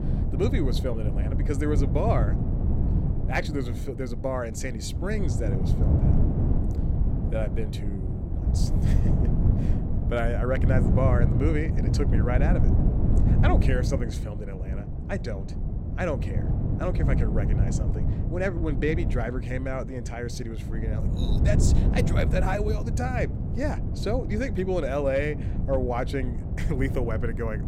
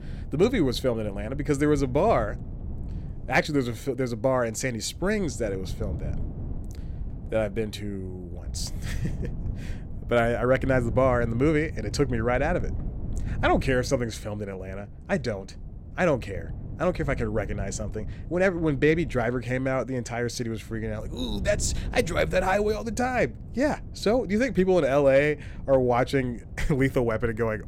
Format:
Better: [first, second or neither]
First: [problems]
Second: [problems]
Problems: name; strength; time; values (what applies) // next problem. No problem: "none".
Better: second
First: wind noise on the microphone; heavy; 6 dB below the speech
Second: wind noise on the microphone; occasional gusts; 25 dB below the speech